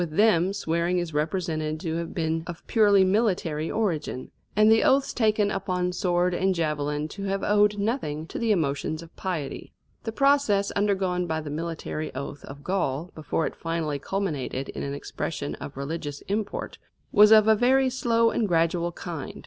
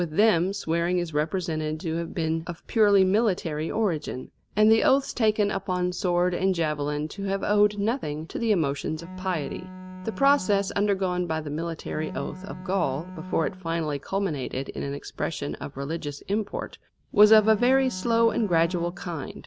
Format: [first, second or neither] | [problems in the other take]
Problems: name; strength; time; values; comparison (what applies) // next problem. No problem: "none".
first | background sound (Bowed string instrument); 13 dB below the speech